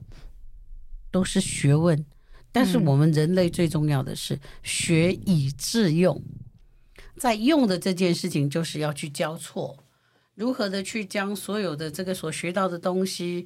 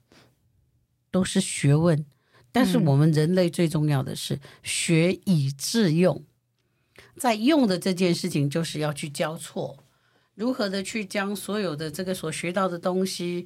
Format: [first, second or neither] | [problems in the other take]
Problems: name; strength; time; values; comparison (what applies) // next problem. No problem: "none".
second | low rumble; faint; until 8 s; 25 dB below the speech